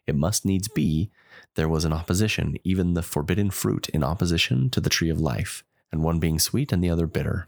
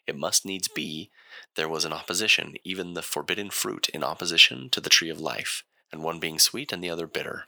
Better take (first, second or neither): first